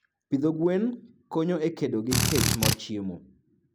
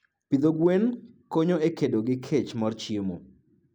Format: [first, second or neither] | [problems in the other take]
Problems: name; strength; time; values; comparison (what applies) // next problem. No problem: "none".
second | background sound (Drill); 4 dB above the speech